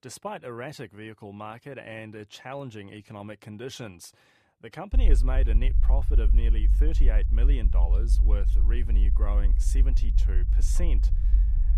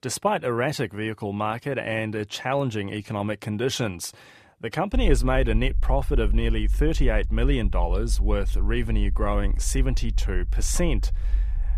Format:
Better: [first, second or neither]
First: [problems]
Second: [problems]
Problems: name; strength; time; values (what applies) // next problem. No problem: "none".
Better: second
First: low rumble; loud; from 5 s on; 8 dB below the speech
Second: low rumble; faint; from 5 s on; 25 dB below the speech